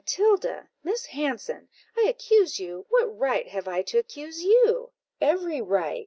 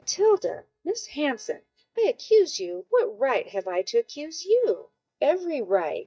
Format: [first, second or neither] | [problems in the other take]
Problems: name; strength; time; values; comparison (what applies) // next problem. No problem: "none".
first | noise reduction (neural mask model DeepFilterNet 3)